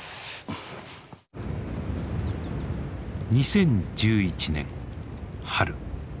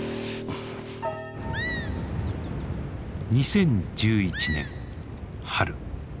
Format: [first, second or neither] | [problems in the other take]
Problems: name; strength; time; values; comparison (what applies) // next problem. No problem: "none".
first | background sound (Piano + Animal); 9 dB below the speech